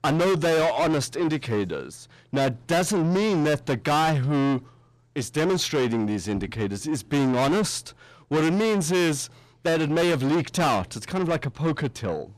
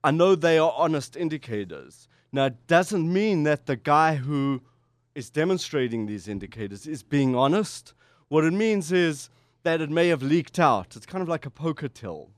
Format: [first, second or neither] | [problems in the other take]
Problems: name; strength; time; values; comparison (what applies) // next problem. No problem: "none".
second | distortion; heavy; 6 dB below the speech